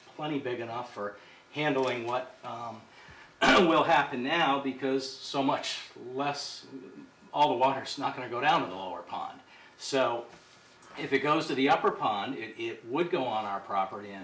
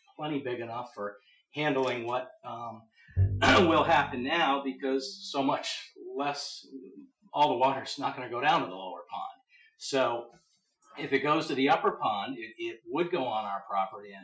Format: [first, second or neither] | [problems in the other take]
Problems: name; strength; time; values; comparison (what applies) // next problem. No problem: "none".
first | noise reduction (classical method Wiener filter)